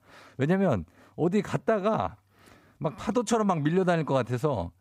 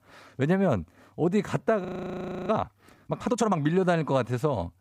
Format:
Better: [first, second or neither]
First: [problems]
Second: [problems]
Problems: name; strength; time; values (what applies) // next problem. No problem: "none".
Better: first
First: none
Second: audio freezing; at 2 s for 0.5 s